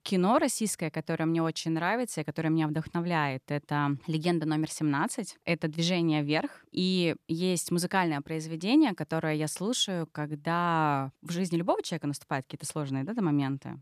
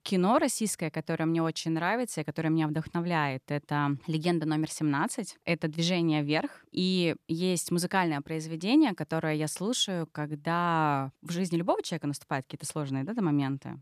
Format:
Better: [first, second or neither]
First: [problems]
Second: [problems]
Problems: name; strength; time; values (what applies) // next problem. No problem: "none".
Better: neither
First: none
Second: none